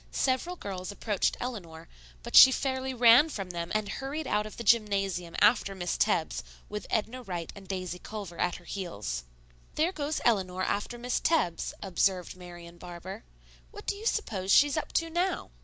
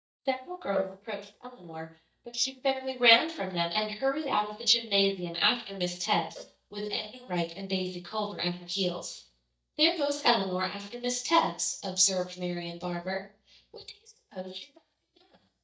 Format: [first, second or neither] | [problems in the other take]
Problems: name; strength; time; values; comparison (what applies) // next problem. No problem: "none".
first | noise reduction (neural mask model DeepFilterNet 3)